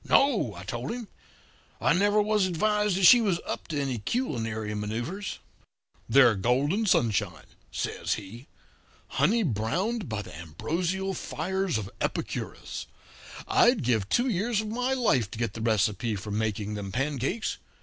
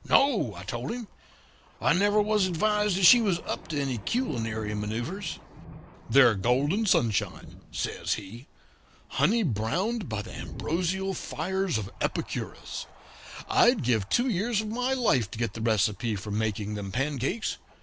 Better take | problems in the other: first | background sound (Thunder); 18 dB below the speech

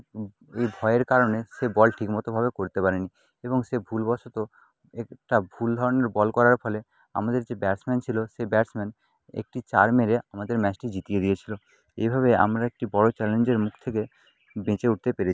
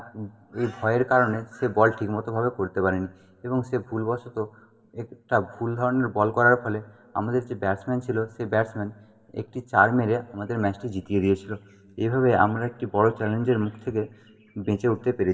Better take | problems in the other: first | room echo; dies away in 0.9 s

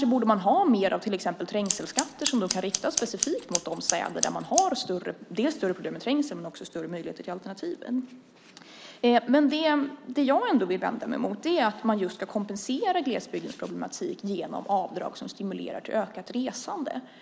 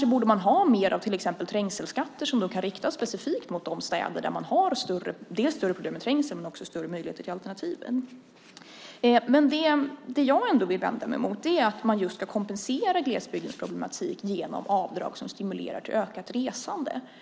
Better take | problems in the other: second | background sound (Scissors); 4 dB below the speech

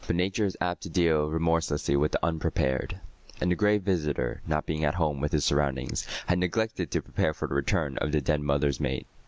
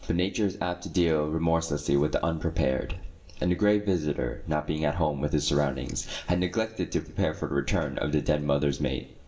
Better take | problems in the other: first | room echo; dies away in 1.2 s

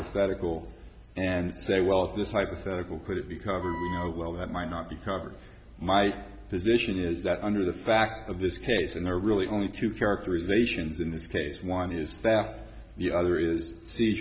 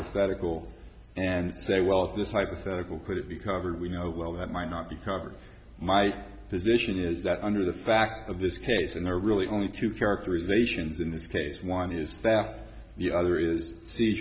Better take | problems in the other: second | background sound (Wind instrument, woodwind instrument); 10 dB below the speech

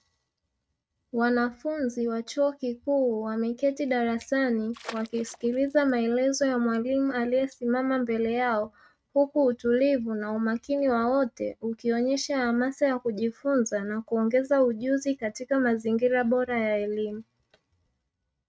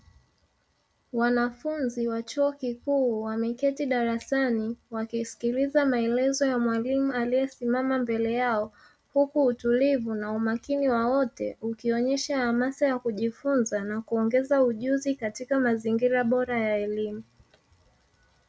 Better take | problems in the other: second | noise reduction (neural mask model RNNoise)

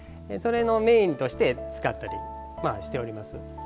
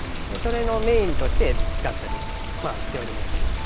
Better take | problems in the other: first | background sound (Water); 4 dB above the speech

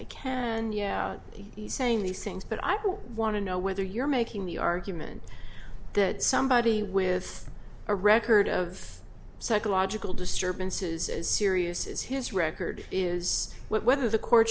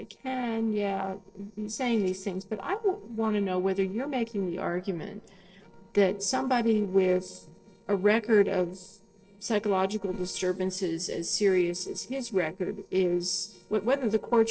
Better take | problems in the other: first | noise reduction (neural separator model SepFormer DNS4)

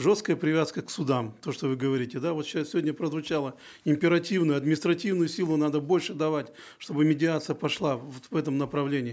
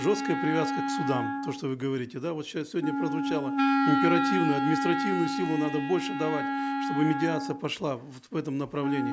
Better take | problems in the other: first | background sound (Wind instrument, woodwind instrument); as loud as the speech

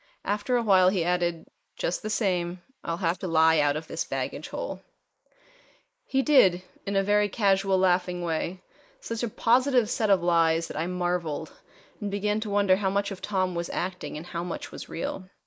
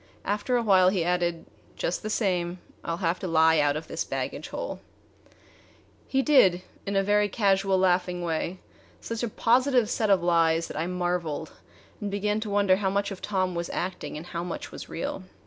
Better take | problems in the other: second | noise reduction (neural mask model Resemble Enhance denoiser)

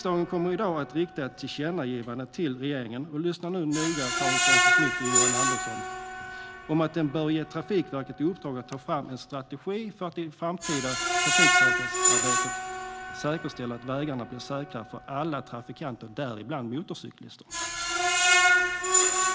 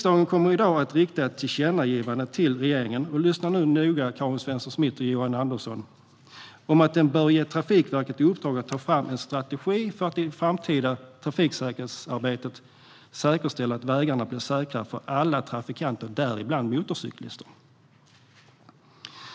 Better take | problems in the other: second | background sound (Screech); 4 dB above the speech

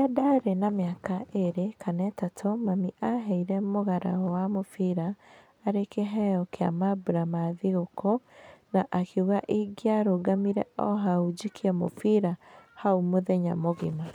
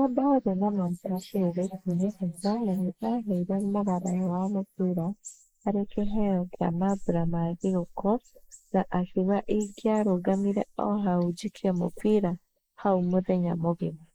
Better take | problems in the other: first | noise reduction (neural mask model Resemble Enhance denoiser)

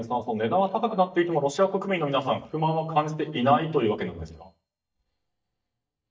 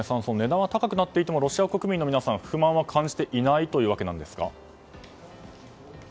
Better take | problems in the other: second | noise reduction (neural mask model DeepFilterNet 3)

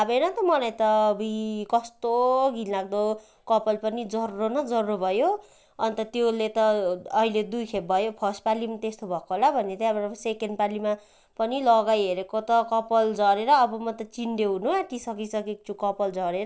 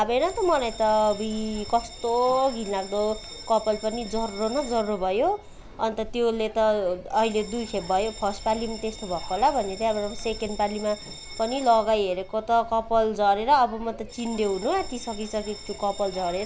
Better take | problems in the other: first | background sound (Bird + Bell); 14 dB below the speech

